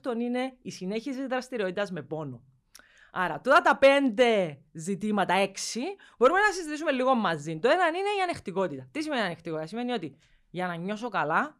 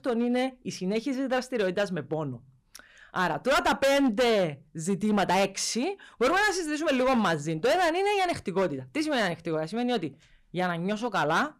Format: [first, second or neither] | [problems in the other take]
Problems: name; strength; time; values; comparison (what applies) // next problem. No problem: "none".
first | distortion; heavy; 10% of the sound clipped